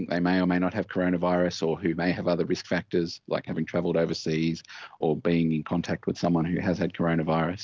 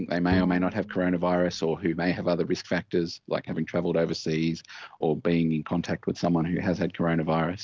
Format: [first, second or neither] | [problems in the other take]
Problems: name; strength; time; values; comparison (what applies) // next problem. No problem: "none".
first | background sound (Bowed string instrument); 11 dB below the speech